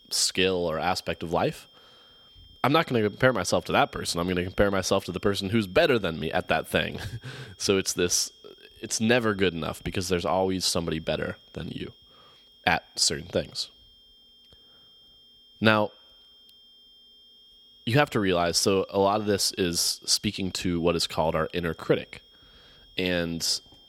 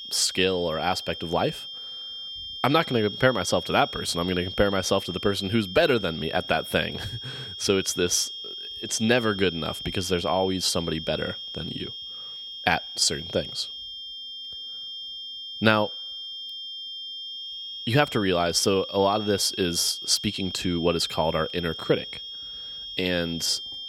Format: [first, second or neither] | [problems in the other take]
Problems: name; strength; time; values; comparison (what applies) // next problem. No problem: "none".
first | high-pitched whine; loud; throughout; 3 kHz, 9 dB below the speech; faint in the first